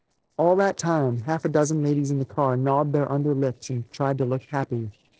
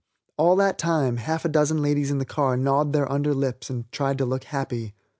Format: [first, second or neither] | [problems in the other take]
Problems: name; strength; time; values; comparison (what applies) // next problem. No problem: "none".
second | noise reduction (neural separator model SepFormer DNS4)